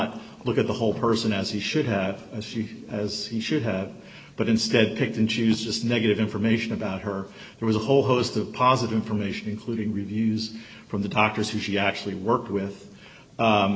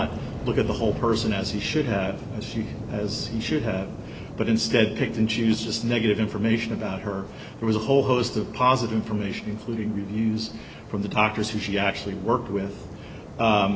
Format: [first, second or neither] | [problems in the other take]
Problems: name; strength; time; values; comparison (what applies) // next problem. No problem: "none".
first | background sound (Waves, surf); 12 dB below the speech